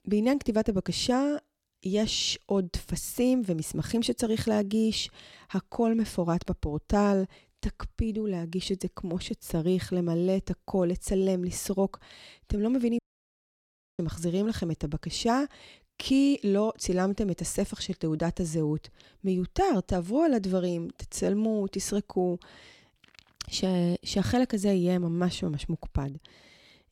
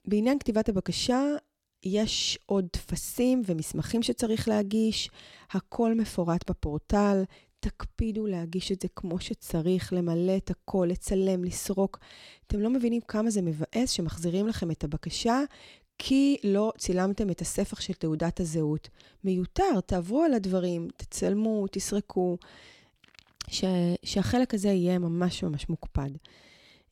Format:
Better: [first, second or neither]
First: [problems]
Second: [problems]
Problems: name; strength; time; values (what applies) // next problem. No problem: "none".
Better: second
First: audio cutting out; at 13 s for 1 s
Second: none